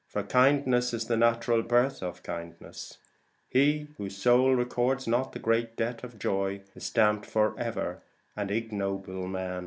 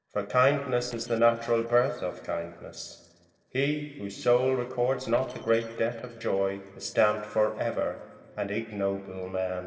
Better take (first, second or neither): first